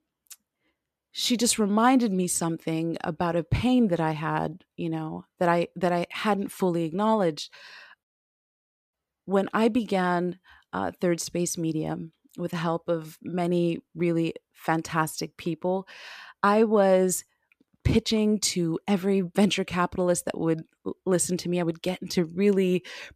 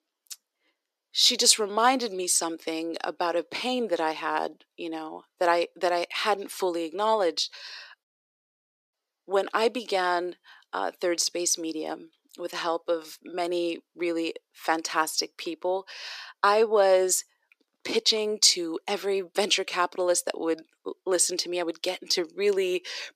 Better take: first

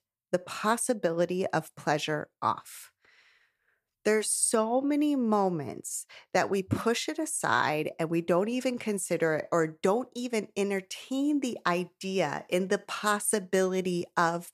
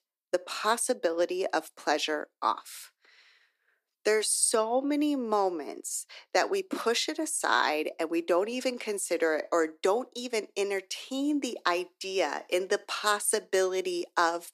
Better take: first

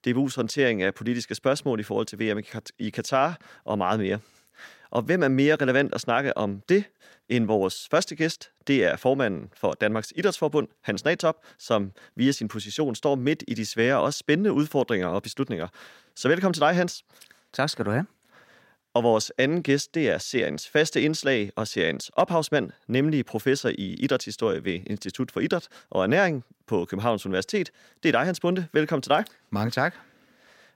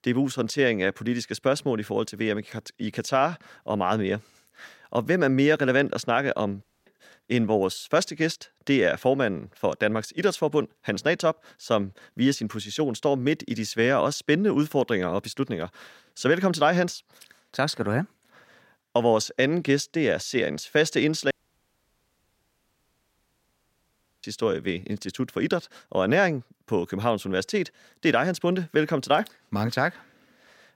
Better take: first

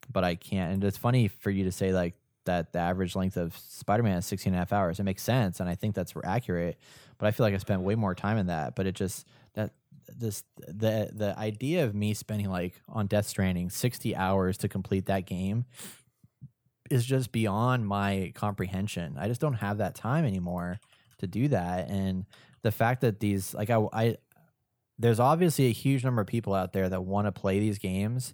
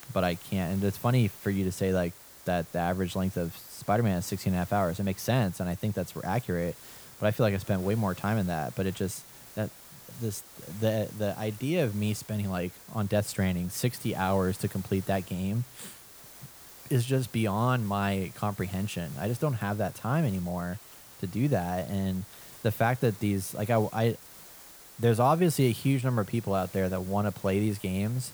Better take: first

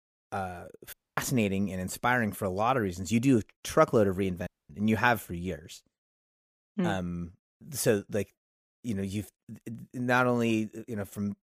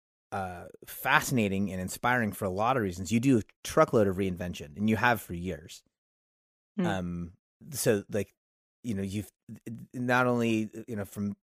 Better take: second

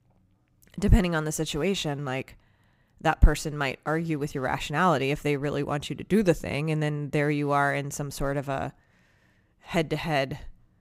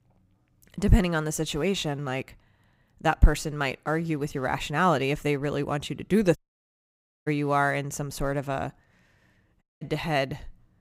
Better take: first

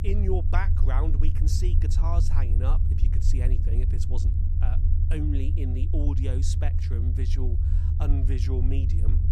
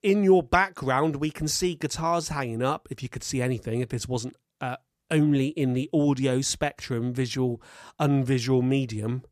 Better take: second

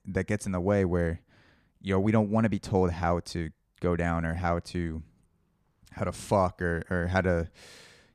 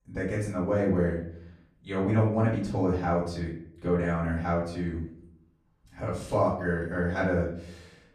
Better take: first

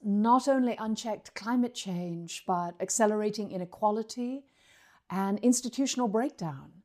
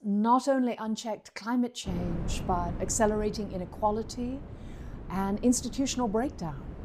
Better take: first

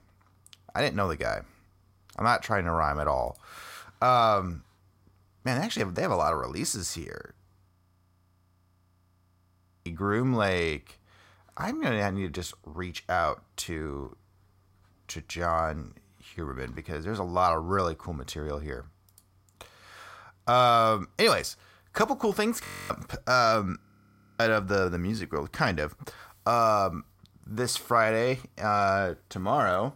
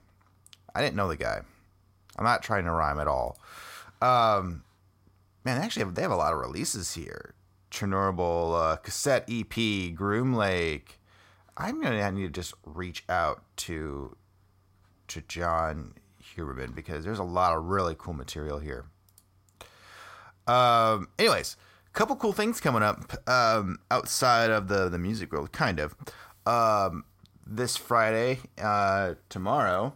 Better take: second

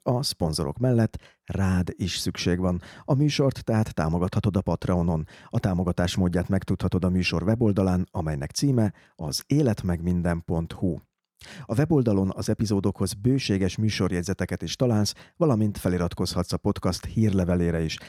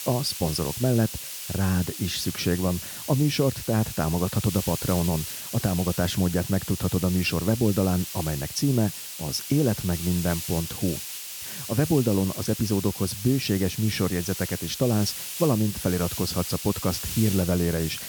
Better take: first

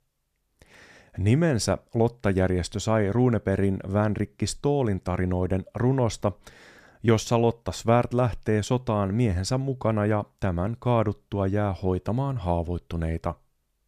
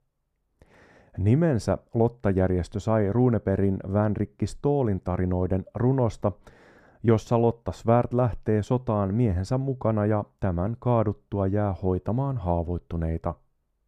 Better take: first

